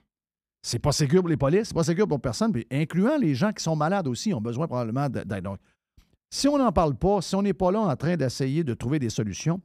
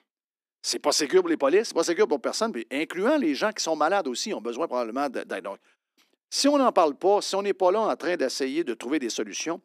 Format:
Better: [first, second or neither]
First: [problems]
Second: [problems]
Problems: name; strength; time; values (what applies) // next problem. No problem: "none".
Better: first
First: none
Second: thin; somewhat; fading below 250 Hz